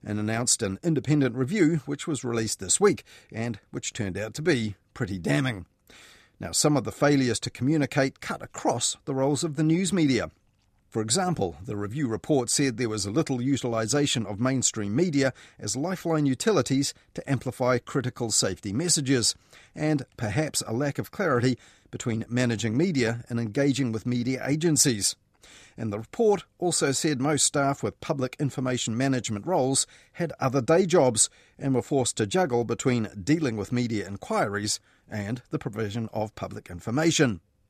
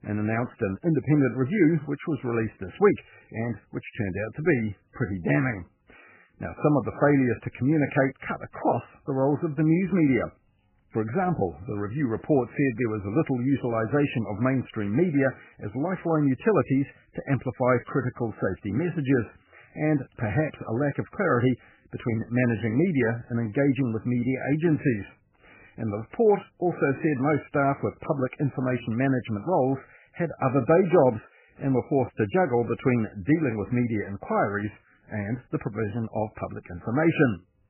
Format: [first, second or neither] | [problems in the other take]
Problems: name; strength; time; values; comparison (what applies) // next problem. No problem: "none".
first | garbled, watery; badly; nothing above 2.5 kHz